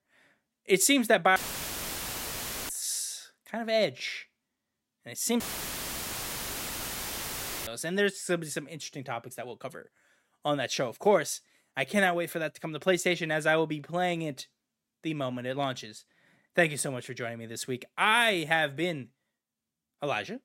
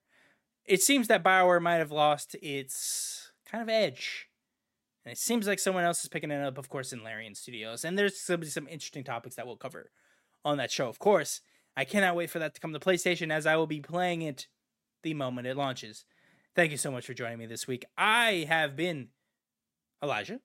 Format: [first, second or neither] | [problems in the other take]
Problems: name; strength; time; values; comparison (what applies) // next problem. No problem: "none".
second | audio cutting out; filled with static; at 1.5 s for 1.5 s and at 5.5 s for 2.5 s